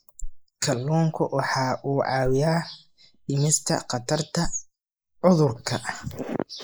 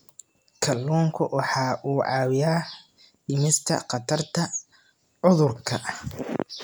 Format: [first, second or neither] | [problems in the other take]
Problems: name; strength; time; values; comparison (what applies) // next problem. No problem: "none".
second | noise reduction (neural mask model Resemble Enhance denoiser)